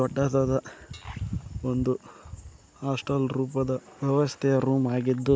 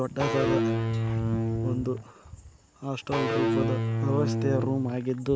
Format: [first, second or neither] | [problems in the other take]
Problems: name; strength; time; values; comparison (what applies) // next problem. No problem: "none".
first | background sound (Electric guitar / Bass guitar); 3 dB above the speech